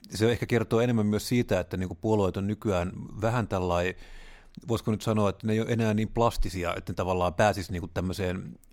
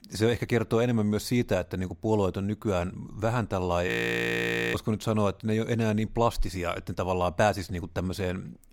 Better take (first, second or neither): first